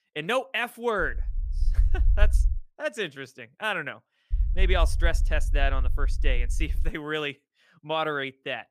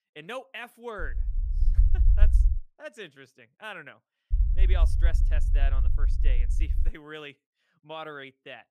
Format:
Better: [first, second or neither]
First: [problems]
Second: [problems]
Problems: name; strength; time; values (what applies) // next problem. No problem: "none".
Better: first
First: low rumble; faint; from 1 to 2.5 s and from 4.5 to 7 s; 20 dB below the speech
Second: low rumble; loud; from 1 to 2.5 s and from 4.5 to 7 s; 10 dB below the speech